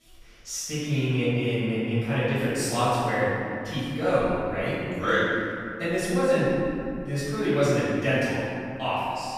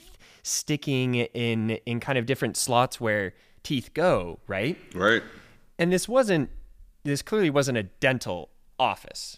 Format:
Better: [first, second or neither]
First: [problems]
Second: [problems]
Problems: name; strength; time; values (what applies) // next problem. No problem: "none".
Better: second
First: off-mic speech; far // room echo; strong; dies away in 2.3 s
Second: none